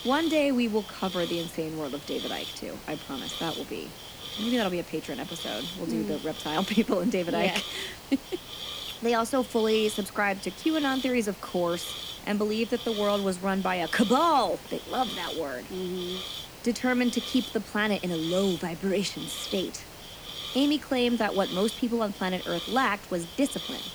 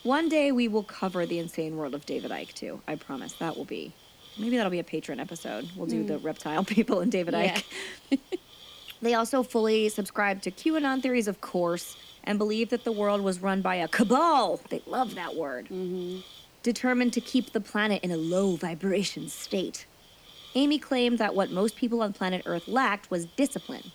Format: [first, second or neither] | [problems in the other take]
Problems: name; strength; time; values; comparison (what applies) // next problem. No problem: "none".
second | hiss; loud; throughout; 9 dB below the speech; faint in the second